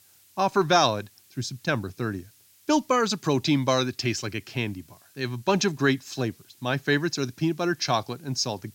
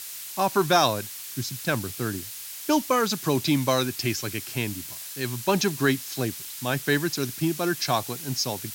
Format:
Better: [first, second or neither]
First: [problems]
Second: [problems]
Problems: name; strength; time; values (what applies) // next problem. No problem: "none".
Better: first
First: hiss; faint; throughout; 30 dB below the speech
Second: hiss; loud; throughout; 9 dB below the speech